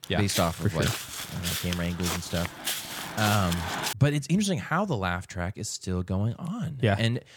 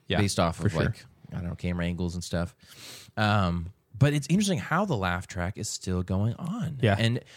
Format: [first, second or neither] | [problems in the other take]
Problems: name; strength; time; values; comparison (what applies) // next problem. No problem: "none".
second | footsteps; noticeable; until 4 s; peak 2 dB below the speech